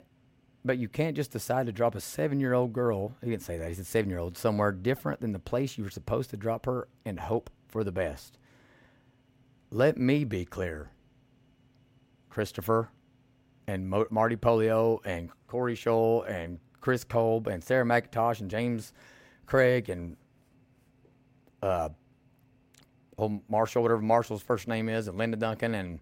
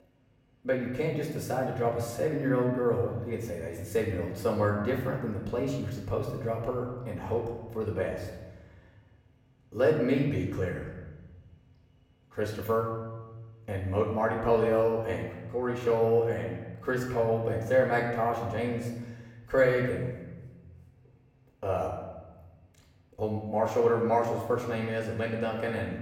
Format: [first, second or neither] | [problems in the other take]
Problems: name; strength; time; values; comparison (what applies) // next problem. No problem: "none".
first | off-mic speech; far // room echo; noticeable; dies away in 1.2 s